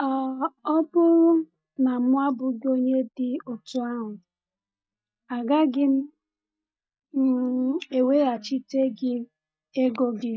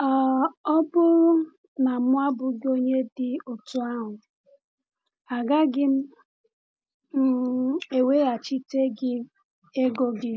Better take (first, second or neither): second